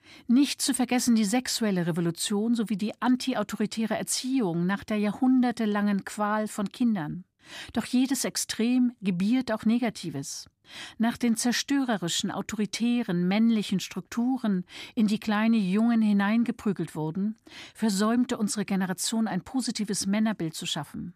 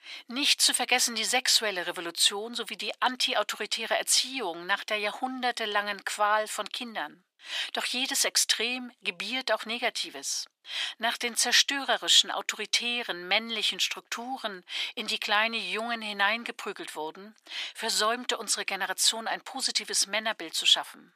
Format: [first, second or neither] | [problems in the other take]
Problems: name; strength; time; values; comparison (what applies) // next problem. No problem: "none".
first | thin; very; fading below 500 Hz